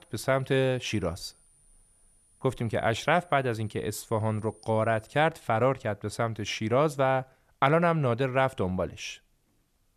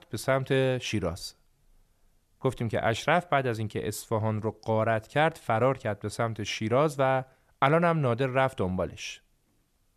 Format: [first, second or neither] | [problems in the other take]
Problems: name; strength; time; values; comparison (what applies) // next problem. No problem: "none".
second | high-pitched whine; faint; until 5 s; 9.5 kHz, 30 dB below the speech